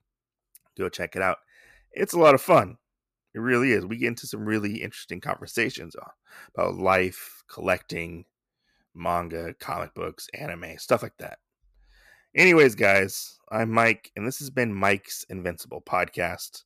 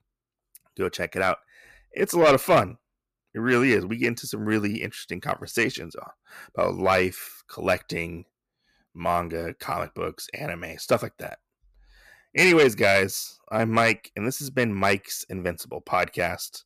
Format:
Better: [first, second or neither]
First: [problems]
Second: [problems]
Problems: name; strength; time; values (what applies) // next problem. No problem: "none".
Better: first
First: none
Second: distortion; slight; 10 dB below the speech